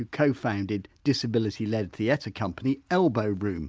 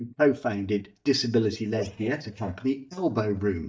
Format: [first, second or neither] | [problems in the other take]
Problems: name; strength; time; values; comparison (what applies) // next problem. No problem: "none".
first | noise reduction (neural mask model DeepFilterNet 3)